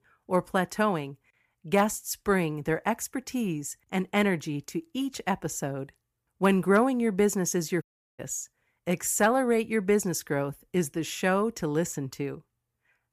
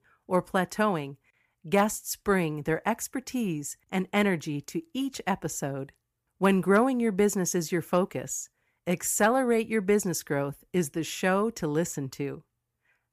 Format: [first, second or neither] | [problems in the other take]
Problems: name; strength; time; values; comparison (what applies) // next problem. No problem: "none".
second | audio cutting out; at 8 s